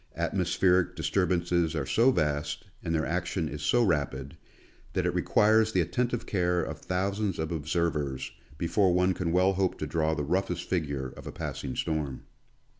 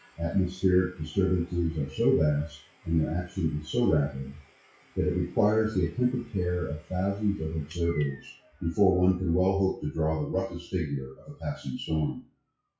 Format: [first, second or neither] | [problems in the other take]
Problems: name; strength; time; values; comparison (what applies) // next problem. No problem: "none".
first | noise reduction (classical method WPE with log-MMSE)